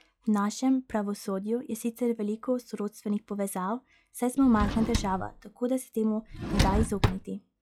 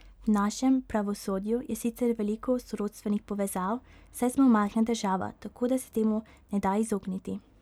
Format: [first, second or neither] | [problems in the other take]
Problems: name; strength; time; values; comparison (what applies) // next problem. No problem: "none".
second | noise reduction (classical method log-MMSE)